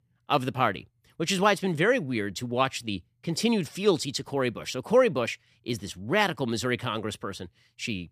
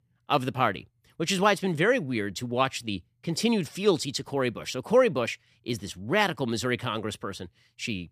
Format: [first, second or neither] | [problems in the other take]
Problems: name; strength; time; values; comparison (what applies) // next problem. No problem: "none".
neither | none